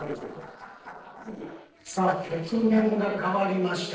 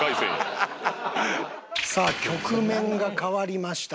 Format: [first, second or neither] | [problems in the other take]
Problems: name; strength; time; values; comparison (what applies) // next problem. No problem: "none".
second | noise reduction (neural separator model SepFormer DNS4)